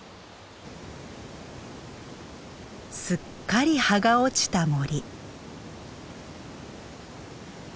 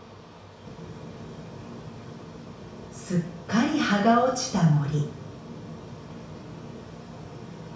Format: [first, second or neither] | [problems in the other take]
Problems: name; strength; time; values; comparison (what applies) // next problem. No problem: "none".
first | room echo; dies away in 0.6 s